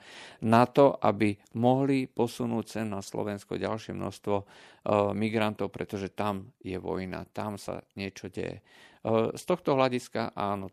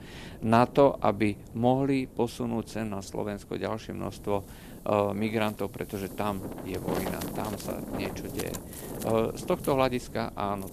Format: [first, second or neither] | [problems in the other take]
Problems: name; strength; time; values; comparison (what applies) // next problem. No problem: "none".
first | wind noise on the microphone; occasional gusts; 10 dB below the speech